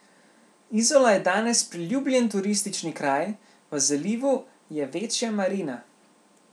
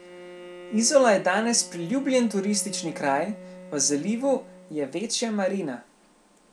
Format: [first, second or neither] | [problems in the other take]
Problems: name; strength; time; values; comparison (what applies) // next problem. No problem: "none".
first | background sound (Bowed string instrument); 19 dB below the speech